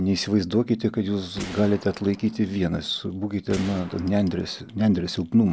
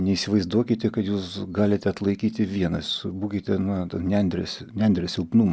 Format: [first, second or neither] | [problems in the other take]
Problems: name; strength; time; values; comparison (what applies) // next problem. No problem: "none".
second | background sound (Gunshot, gunfire); 19 dB below the speech